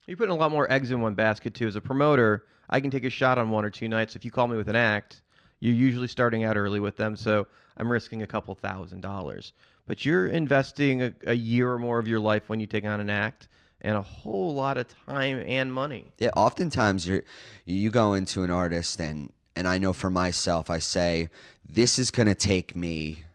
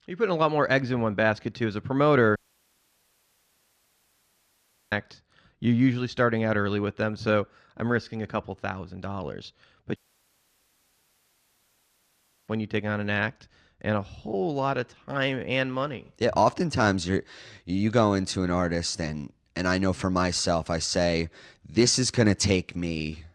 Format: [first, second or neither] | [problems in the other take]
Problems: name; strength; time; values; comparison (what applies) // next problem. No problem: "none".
first | audio cutting out; at 2.5 s for 2.5 s and at 10 s for 2.5 s